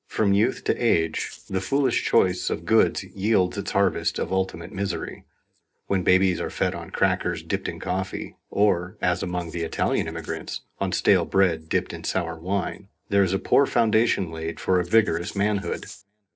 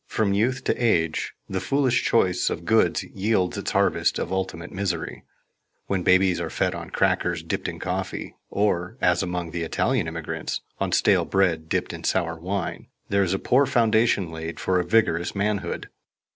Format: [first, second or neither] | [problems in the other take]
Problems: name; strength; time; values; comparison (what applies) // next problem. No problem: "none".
second | noise reduction (neural separator model SepFormer DNS4)